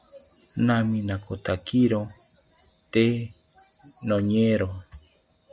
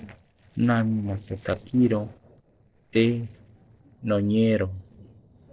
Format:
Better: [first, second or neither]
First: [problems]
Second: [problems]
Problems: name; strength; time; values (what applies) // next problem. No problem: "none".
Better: first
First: none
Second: noise reduction (neural separator model SepFormer DNS4)